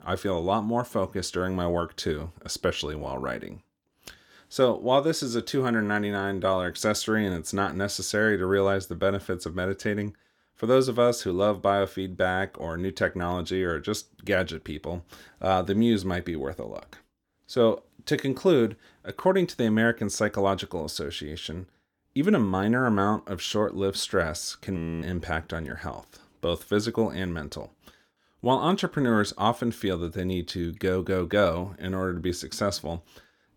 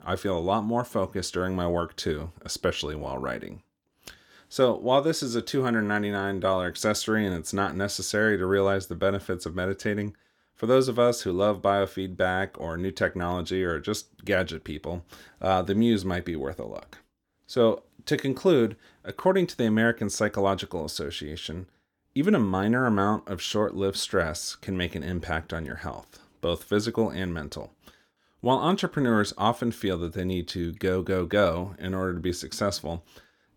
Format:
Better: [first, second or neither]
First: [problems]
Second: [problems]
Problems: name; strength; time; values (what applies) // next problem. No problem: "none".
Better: second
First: audio freezing; at 25 s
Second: none